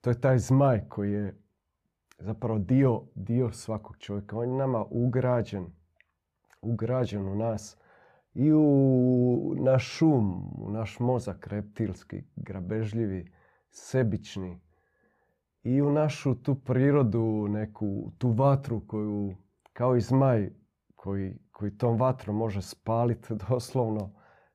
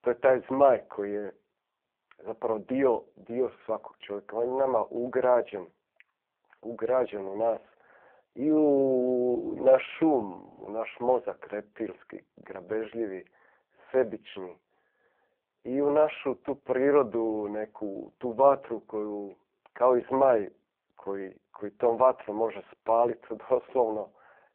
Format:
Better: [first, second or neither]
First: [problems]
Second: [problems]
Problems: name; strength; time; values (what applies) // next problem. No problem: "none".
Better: first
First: none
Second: phone-call audio; poor line